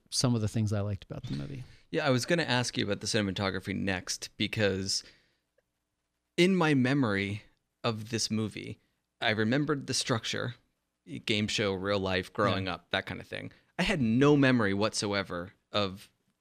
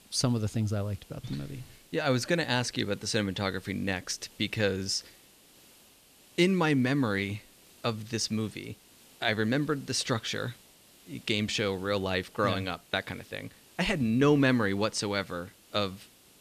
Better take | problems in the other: first | hiss; faint; throughout; 25 dB below the speech

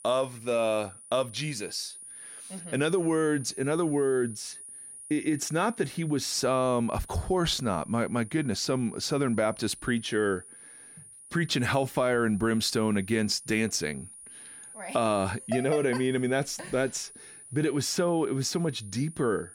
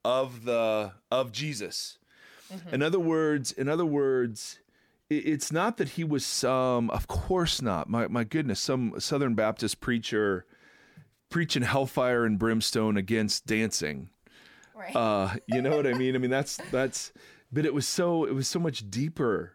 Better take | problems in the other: second | high-pitched whine; noticeable; throughout; 9.5 kHz, 15 dB below the speech

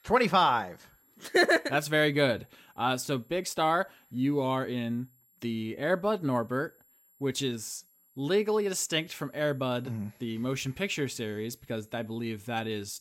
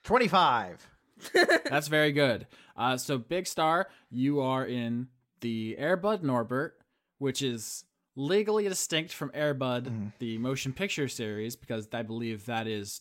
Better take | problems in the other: second | high-pitched whine; faint; throughout; 11.5 kHz, 30 dB below the speech

